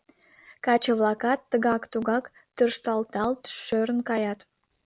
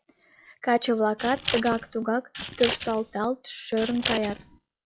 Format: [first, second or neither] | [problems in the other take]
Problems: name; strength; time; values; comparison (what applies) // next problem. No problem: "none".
first | noise reduction (classical method log-MMSE)